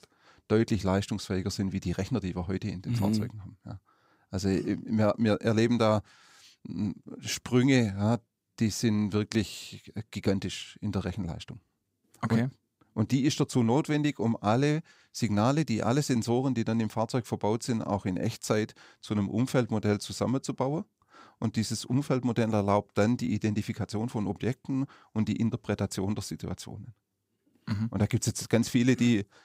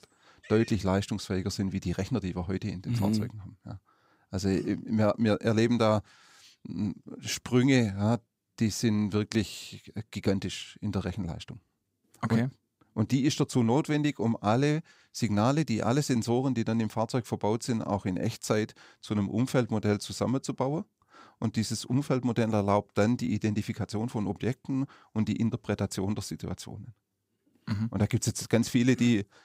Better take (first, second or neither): first